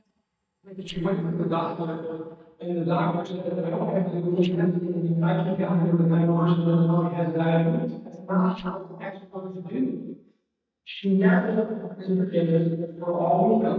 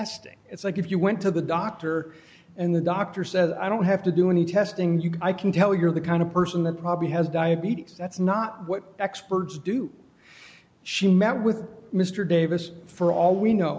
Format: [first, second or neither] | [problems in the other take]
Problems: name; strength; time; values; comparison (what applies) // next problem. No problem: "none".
second | noise reduction (neural mask model DeepFilterNet 3)